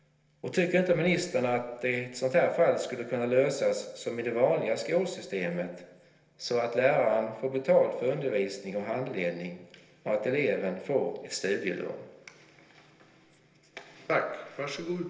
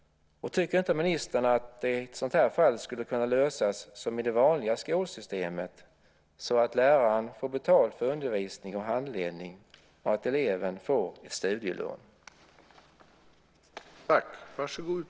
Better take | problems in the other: second | room echo; dies away in 1.4 s

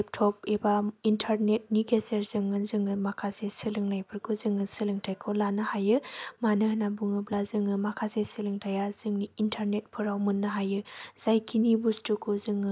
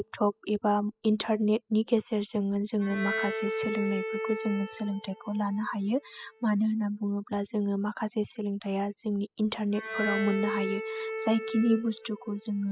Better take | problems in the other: first | noise reduction (classical method spectral subtraction)

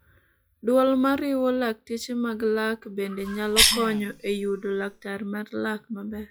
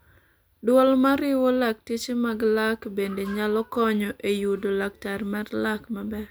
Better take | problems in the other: second | noise reduction (classical method log-MMSE)

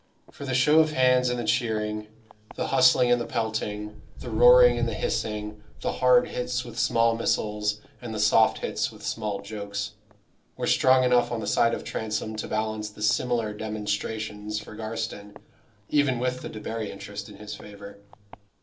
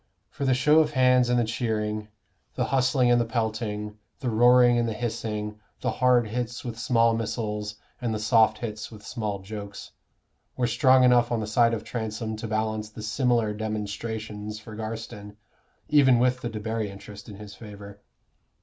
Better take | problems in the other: second | background sound (Walk, footsteps); 15 dB below the speech // room echo; dies away in 0.2 s

